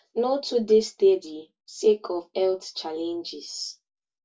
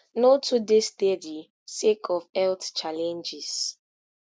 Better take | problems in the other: second | room echo; dies away in 0.1 s

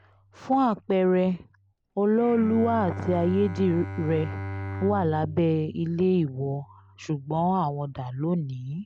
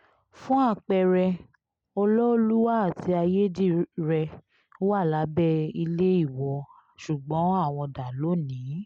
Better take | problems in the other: second | background sound (Bowed string instrument); 12 dB below the speech

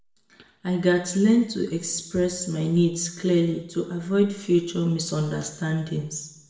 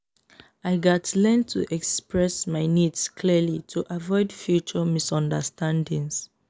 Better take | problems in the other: second | room echo; dies away in 0.7 s

